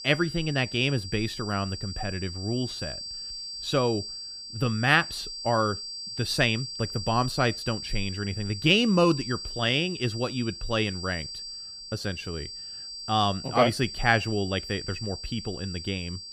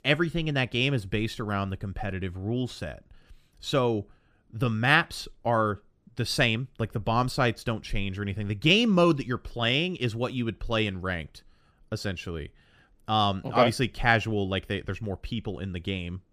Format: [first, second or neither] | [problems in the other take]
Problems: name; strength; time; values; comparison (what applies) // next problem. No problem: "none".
second | high-pitched whine; loud; throughout; 4.5 kHz, 9 dB below the speech